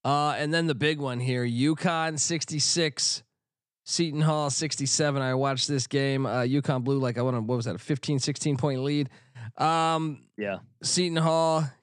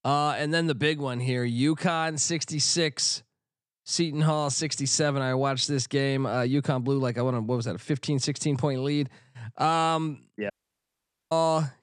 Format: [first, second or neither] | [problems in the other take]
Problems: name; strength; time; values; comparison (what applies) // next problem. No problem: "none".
first | audio cutting out; at 11 s for 1 s